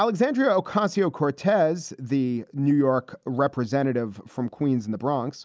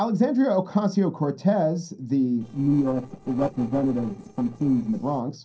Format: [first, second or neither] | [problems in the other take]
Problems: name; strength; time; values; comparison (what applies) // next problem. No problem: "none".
first | noise reduction (neural separator model SepFormer DNS4)